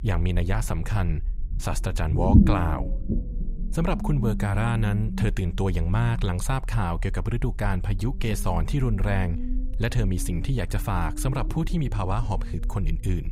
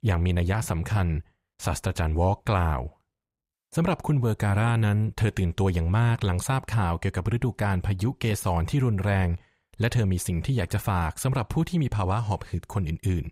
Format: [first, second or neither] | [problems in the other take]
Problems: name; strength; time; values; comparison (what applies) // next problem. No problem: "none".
second | low rumble; loud; throughout; 7 dB below the speech